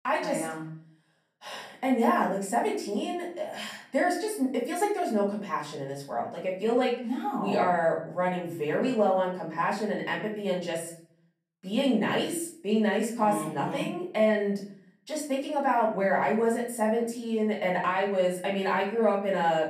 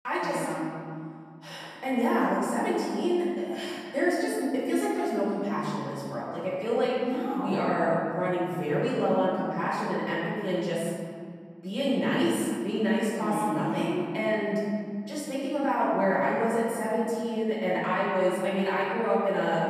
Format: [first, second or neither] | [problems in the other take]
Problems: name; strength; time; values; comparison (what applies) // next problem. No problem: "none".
first | room echo; strong; dies away in 2.2 s; slight in the first // off-mic speech; far; far in the first